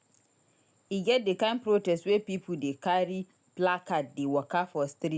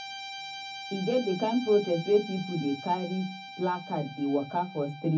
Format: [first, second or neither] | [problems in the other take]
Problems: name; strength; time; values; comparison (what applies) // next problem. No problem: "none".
first | background sound (Guitar); 13 dB below the speech // room echo; dies away in 0.4 s